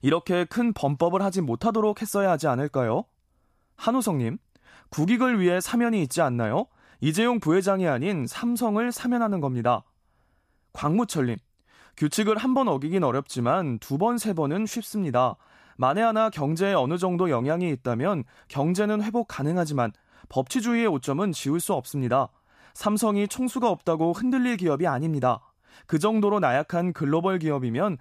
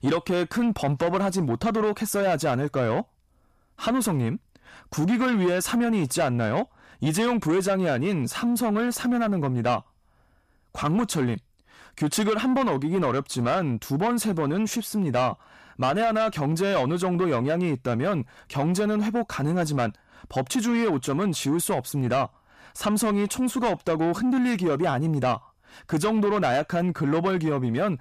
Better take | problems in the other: first | distortion; slight; 10 dB below the speech

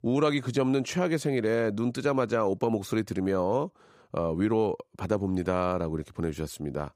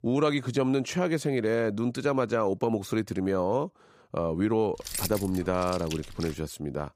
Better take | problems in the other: first | jangling keys; noticeable; from 5 to 6.5 s; peak 4 dB below the speech

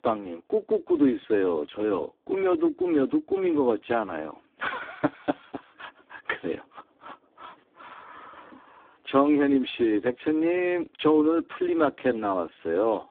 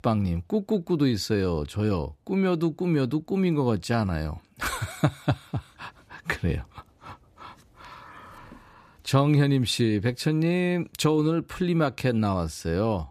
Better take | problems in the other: second | phone-call audio; poor line; nothing above 3.5 kHz

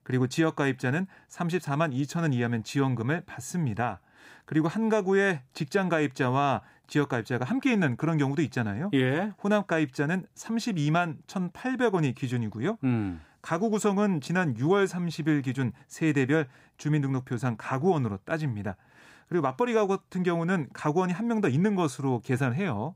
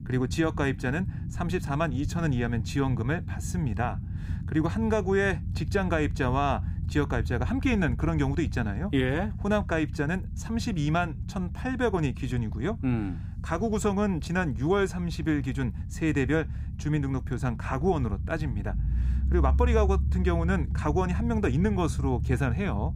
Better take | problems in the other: first | low rumble; noticeable; throughout; 15 dB below the speech

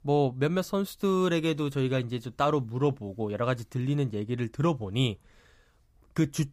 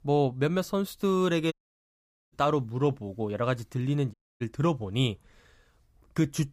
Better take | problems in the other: first | audio cutting out; at 1.5 s for 1 s and at 4 s

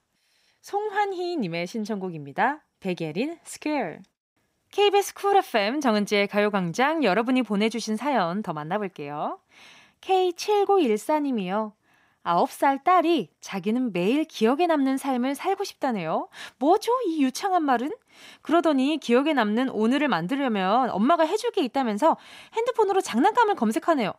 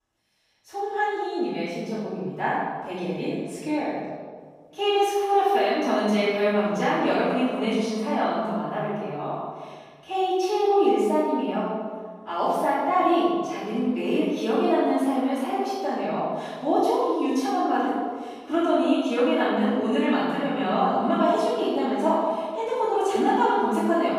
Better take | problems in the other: first | off-mic speech; far // room echo; strong; dies away in 1.5 s

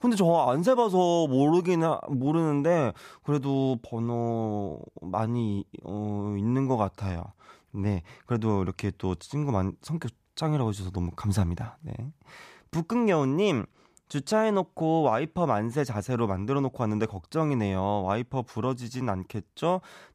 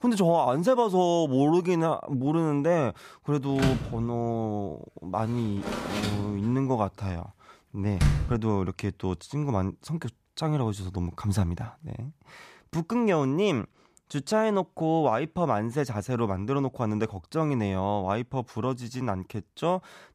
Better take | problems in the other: first | door banging; loud; from 3.5 to 8.5 s; peak 2 dB above the speech

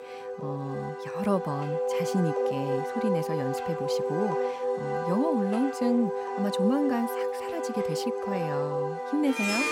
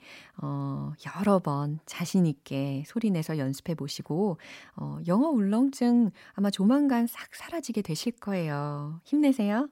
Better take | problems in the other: second | background music; very loud; throughout; as loud as the speech

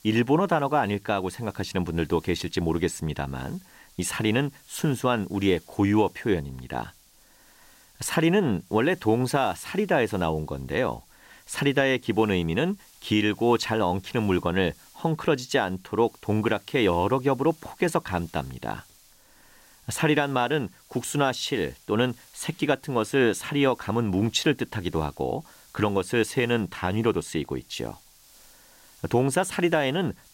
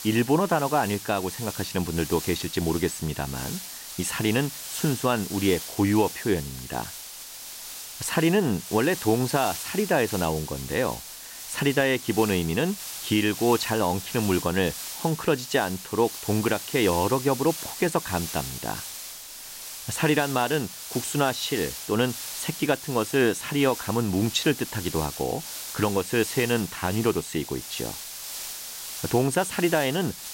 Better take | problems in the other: first | hiss; loud; throughout; 9 dB below the speech; faint in the first

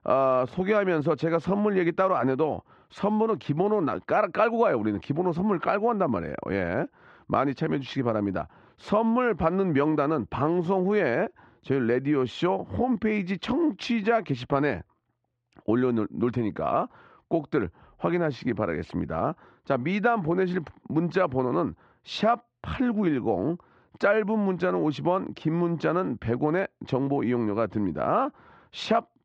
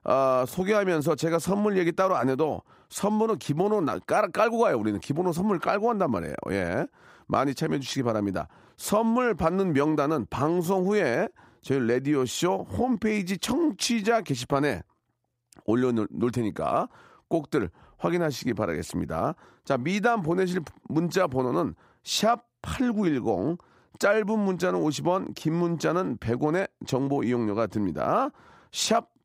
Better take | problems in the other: second | muffled; slightly; fading above 3.5 kHz

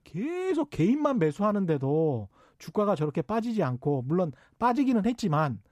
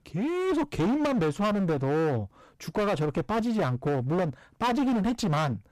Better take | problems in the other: first | distortion; heavy; 28% of the sound clipped

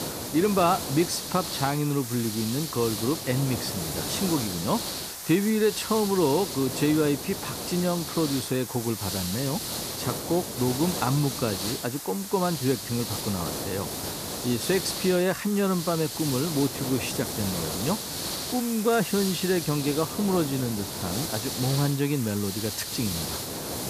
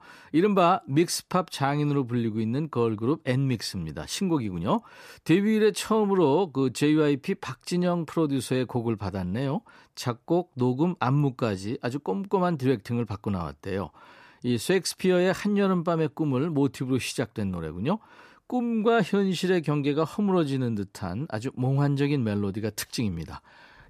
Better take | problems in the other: second | hiss; loud; throughout; 4 dB below the speech

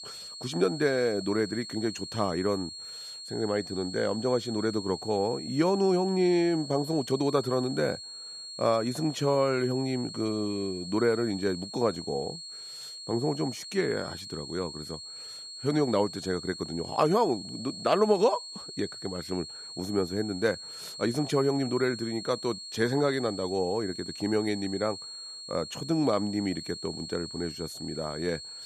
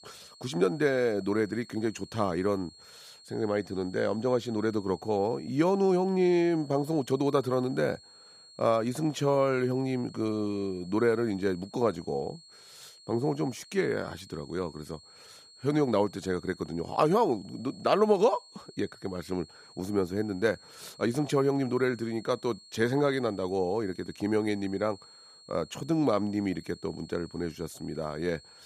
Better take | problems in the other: second | high-pitched whine; loud; throughout; 4.5 kHz, 10 dB below the speech; faint in the second

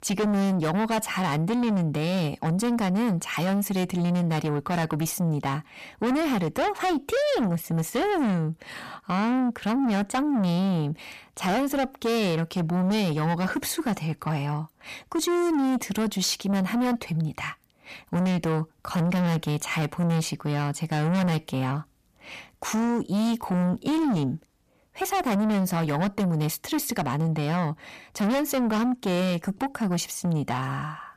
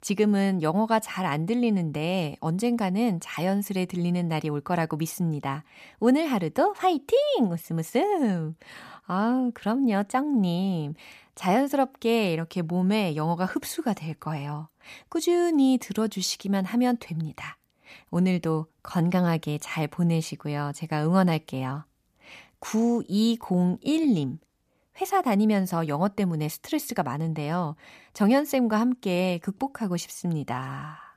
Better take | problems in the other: second | distortion; heavy; 7 dB below the speech

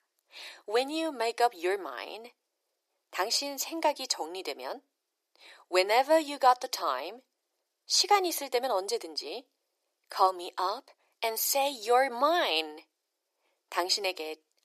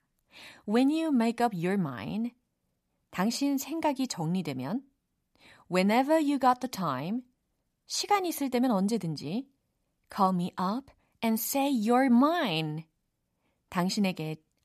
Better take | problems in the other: second | thin; very; fading below 350 Hz

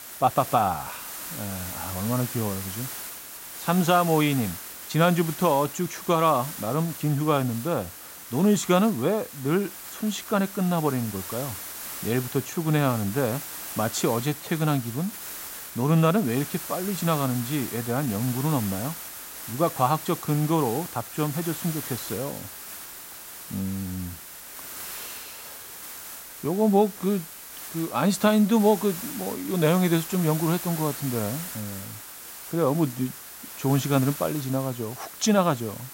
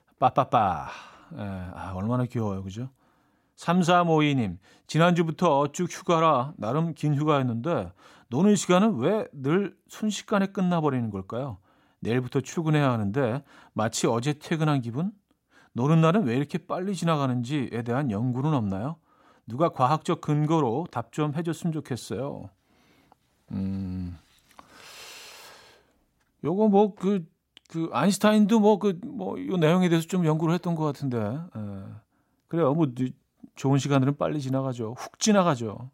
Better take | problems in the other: second | hiss; loud; throughout; 10 dB below the speech

